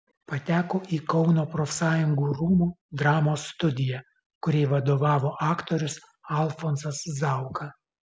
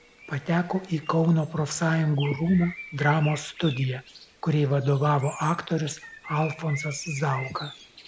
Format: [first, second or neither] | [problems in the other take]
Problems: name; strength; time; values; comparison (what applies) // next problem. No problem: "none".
first | background sound (Bird); 17 dB below the speech